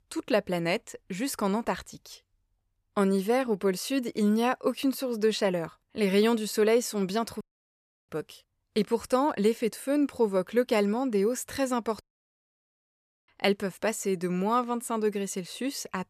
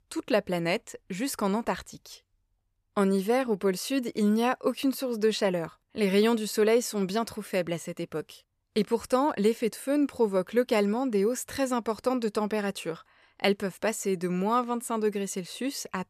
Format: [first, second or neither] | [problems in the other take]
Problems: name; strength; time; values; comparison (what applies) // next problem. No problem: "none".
second | audio cutting out; at 7.5 s for 0.5 s and at 12 s for 1.5 s